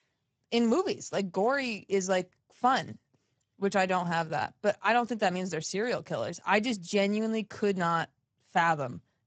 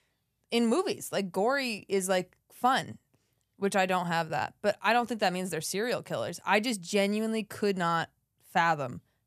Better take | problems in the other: second | garbled, watery; badly; nothing above 7.5 kHz

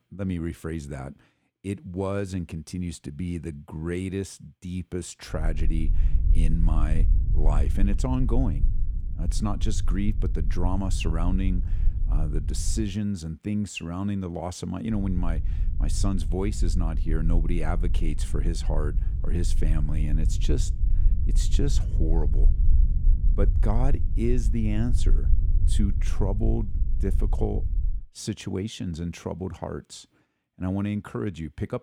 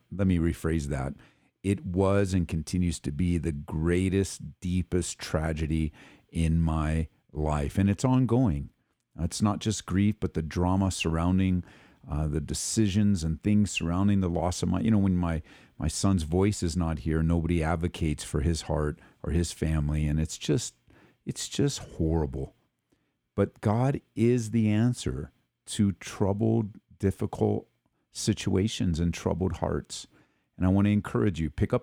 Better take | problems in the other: second | low rumble; noticeable; from 5.5 to 13 s and from 15 to 28 s; 10 dB below the speech

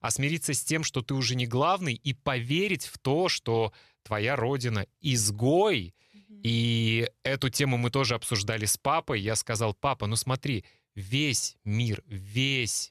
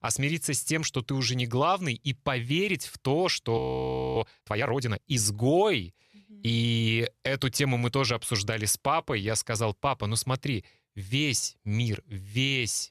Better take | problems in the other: first | audio freezing; at 3.5 s for 0.5 s

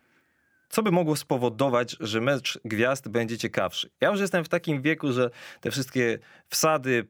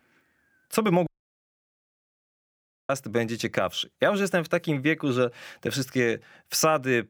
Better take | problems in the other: first | audio cutting out; at 1 s for 2 s

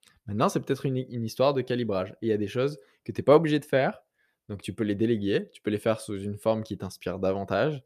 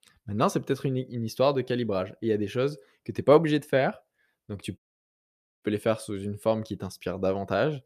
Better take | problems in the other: first | audio cutting out; at 5 s for 1 s

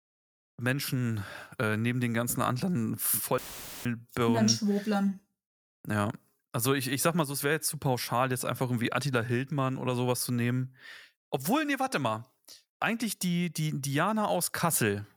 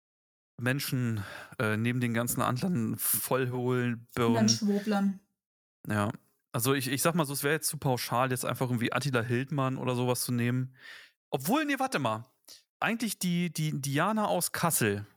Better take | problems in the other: second | audio cutting out; filled with static; at 3.5 s

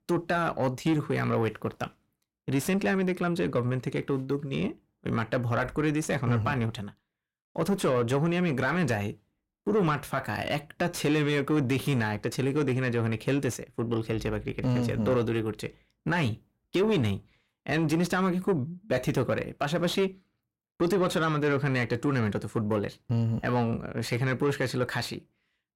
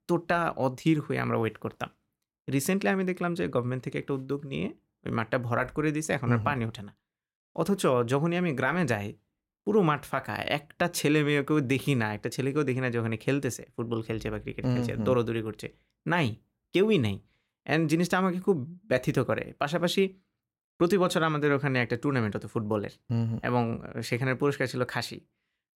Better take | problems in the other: second | distortion; slight; 10 dB below the speech

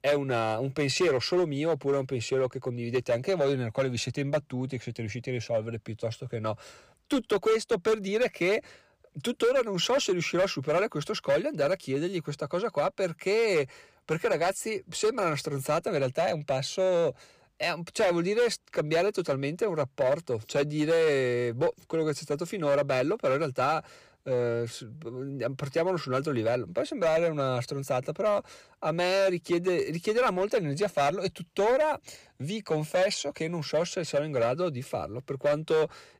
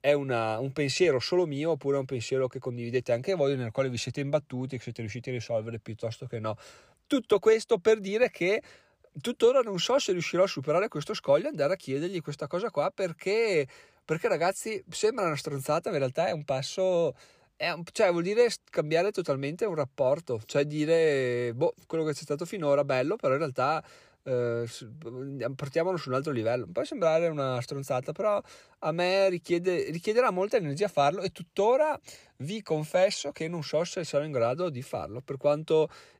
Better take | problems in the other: second | distortion; slight; 7% of the sound clipped

